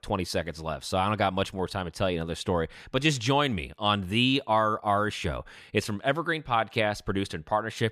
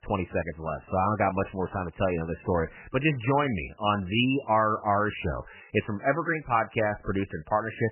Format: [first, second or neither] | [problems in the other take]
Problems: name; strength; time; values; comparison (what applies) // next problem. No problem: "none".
first | garbled, watery; badly; nothing above 3 kHz